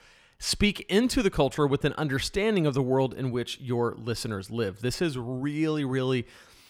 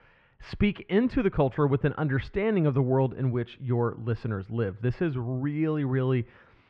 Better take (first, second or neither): first